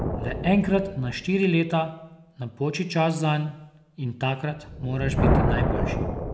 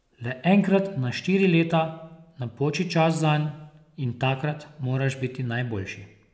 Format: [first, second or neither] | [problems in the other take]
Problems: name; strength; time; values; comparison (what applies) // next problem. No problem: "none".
second | background sound (Thunder); 2 dB below the speech